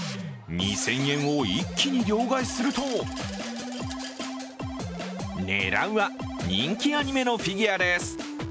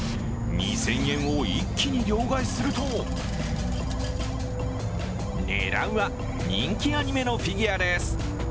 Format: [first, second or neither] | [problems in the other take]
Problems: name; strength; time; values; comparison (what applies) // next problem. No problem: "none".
first | background sound (Insect / Frog); as loud as the speech